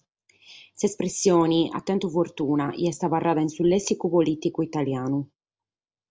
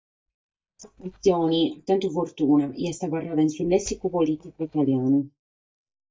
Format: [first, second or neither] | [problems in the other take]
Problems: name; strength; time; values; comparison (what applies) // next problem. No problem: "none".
first | noise reduction (neural mask model DeepFilterNet 3)